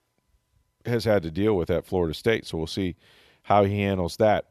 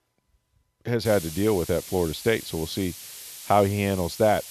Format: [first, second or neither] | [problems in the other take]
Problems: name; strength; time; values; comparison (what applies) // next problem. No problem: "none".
first | hiss; noticeable; from 1 s on; 15 dB below the speech